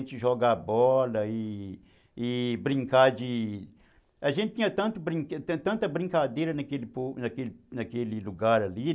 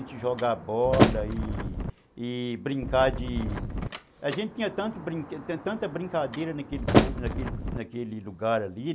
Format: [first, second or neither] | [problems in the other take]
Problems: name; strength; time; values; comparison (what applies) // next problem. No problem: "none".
first | background sound (Wind + Slam); as loud as the speech